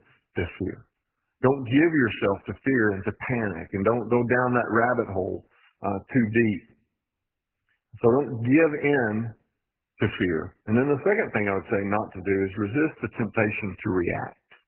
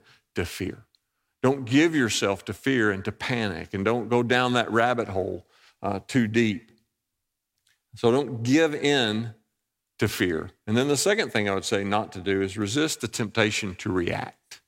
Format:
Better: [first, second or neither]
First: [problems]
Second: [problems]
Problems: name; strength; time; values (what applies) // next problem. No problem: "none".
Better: second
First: garbled, watery; badly; nothing above 3 kHz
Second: none